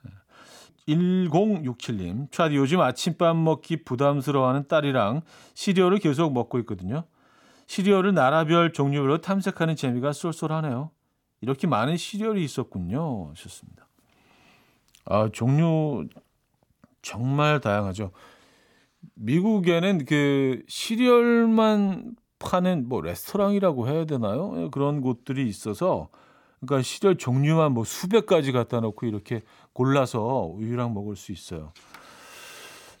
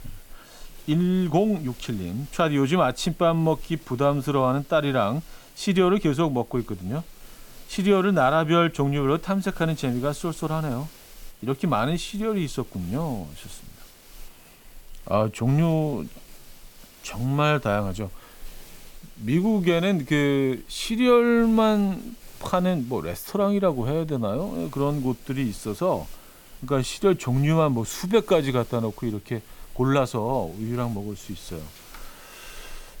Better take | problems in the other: first | hiss; faint; throughout; 25 dB below the speech

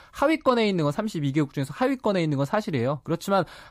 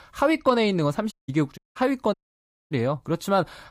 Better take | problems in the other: first | audio cutting out; at 1 s, at 1.5 s and at 2 s for 0.5 s

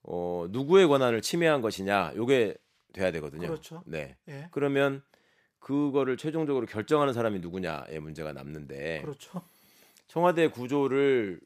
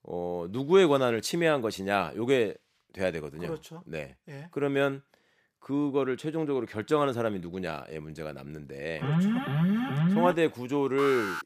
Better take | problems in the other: first | alarm; loud; from 9 to 10 s; peak 2 dB above the speech // alarm; noticeable; at 11 s; peak 4 dB below the speech

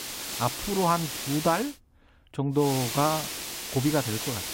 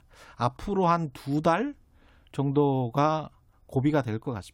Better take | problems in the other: second | hiss; loud; until 1.5 s and from 2.5 s on; 5 dB below the speech

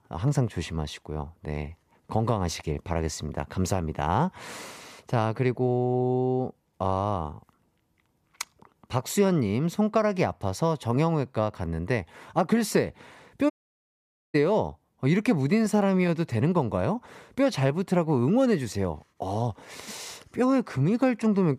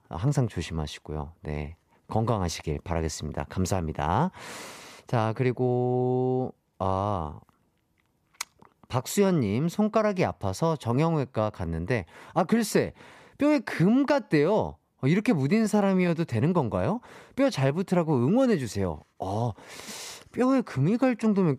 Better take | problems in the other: second | audio cutting out; at 14 s for 1 s

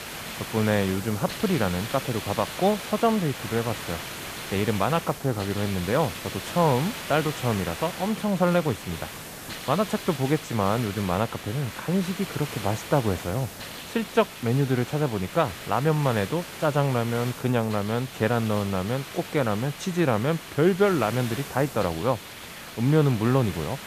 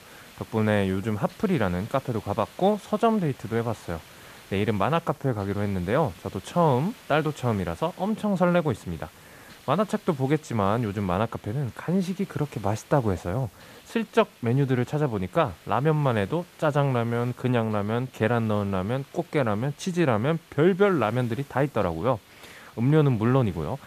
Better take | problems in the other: second | hiss; loud; throughout; 10 dB below the speech; faint in the second

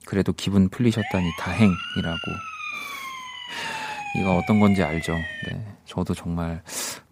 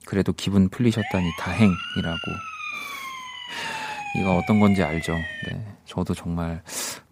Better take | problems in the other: neither | siren; noticeable; from 1 to 5.5 s; peak 5 dB below the speech; the same in both

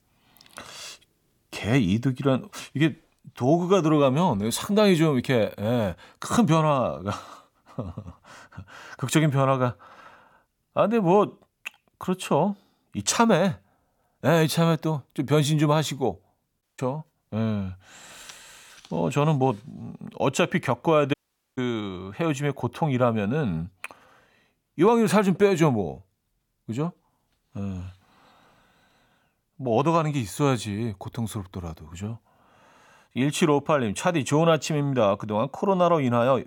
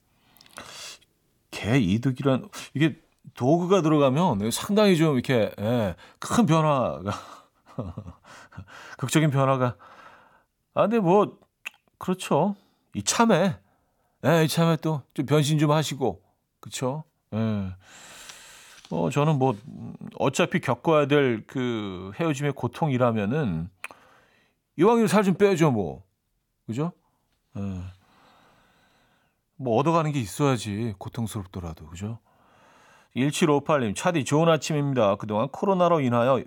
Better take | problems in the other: second | audio cutting out; at 17 s and at 21 s

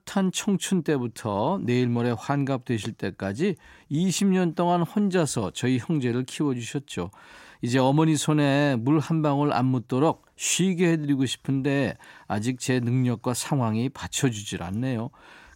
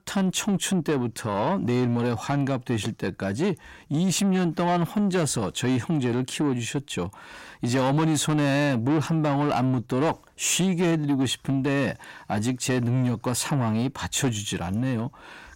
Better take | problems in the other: first | distortion; slight; 10 dB below the speech

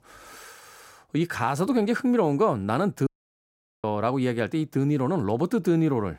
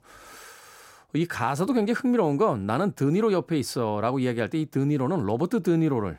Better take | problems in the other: second | audio cutting out; at 3 s for 1 s

